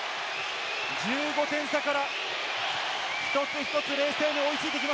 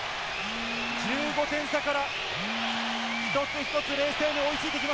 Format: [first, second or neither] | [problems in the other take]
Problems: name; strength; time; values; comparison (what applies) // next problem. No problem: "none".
first | background sound (Telephone); 13 dB below the speech